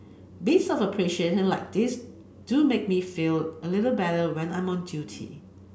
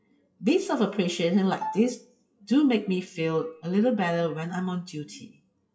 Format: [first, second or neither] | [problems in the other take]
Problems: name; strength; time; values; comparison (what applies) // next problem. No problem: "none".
first | noise reduction (classical method WPE with log-MMSE)